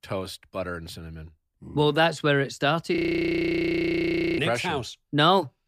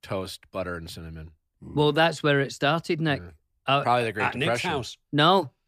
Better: second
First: audio freezing; at 3 s for 1.5 s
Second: none

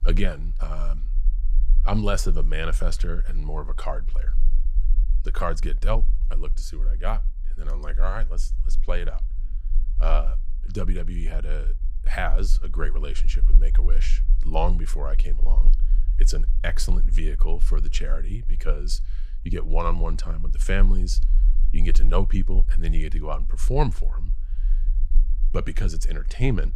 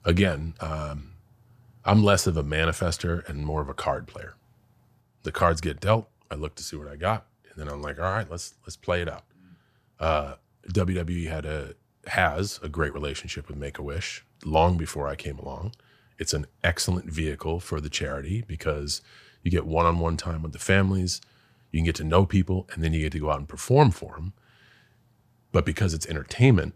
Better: second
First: low rumble; faint; throughout; 20 dB below the speech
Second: none

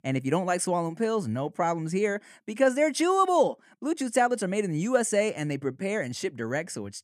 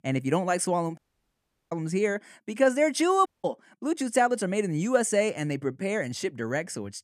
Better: first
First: none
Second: audio cutting out; at 1 s for 0.5 s and at 3.5 s

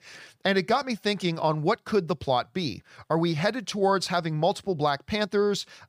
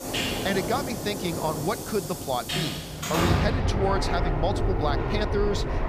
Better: first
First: none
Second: train or aircraft noise; very loud; throughout; 1 dB above the speech

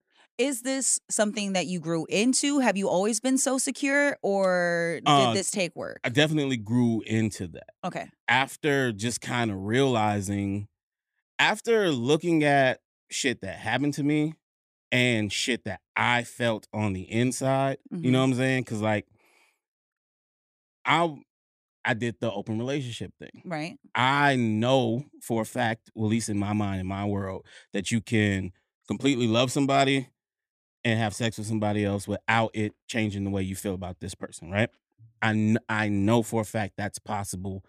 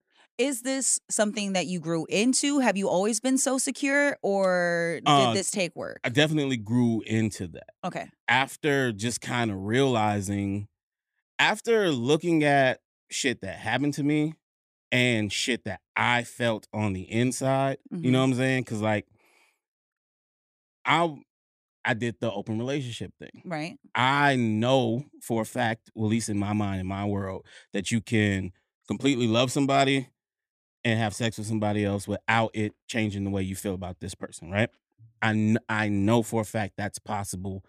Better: neither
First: none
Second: none

